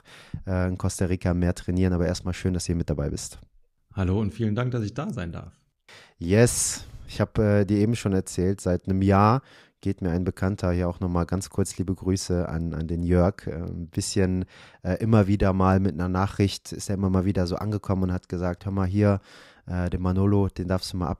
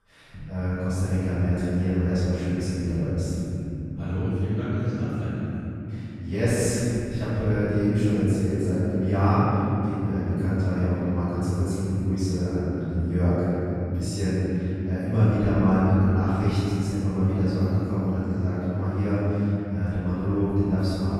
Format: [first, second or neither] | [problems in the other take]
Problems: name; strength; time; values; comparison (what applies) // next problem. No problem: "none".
first | room echo; strong; dies away in 3 s // off-mic speech; far